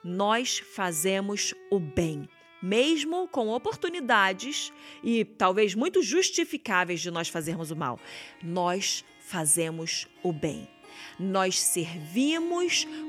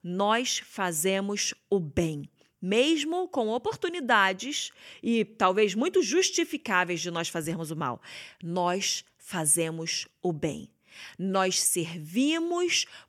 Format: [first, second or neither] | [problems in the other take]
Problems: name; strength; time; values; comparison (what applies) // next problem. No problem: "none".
second | background music; faint; throughout; 25 dB below the speech